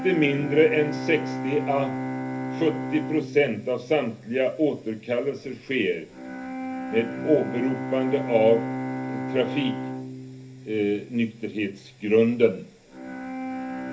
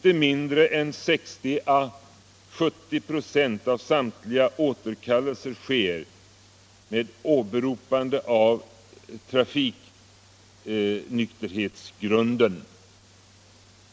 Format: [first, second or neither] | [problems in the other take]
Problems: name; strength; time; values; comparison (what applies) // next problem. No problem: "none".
second | background sound (Bowed string instrument); 7 dB below the speech // room echo; dies away in 0.3 s